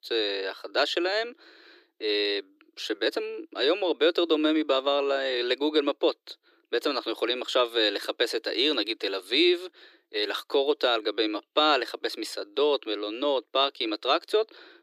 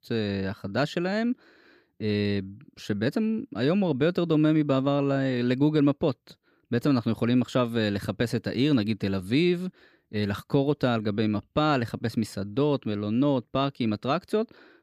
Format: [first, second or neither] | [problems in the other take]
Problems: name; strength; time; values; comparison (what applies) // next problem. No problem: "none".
second | thin; very; fading below 300 Hz